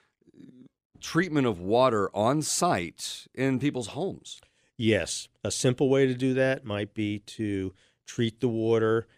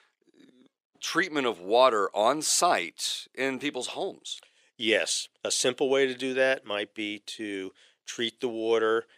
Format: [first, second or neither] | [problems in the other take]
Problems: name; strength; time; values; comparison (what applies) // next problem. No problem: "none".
first | thin; somewhat; fading below 450 Hz